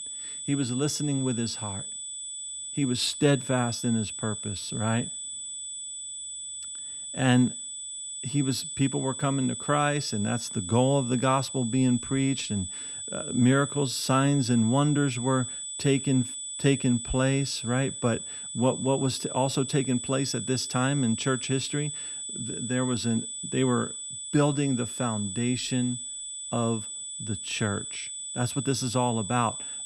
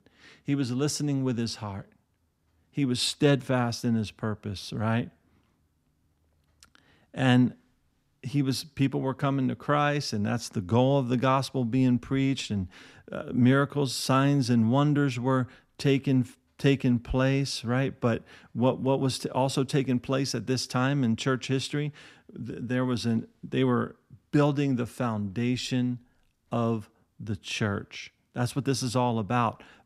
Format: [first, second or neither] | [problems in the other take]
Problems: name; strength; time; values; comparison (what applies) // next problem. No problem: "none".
second | high-pitched whine; loud; throughout; 8 kHz, 7 dB below the speech